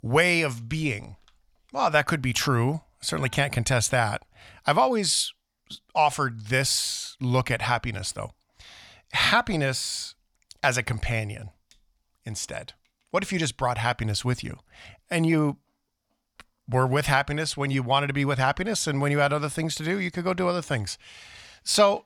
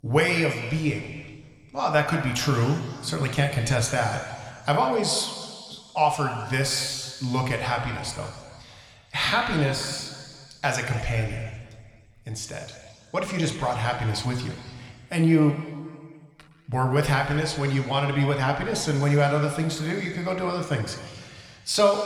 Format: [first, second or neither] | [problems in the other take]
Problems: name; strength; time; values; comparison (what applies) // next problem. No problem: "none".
first | room echo; slight; dies away in 1.9 s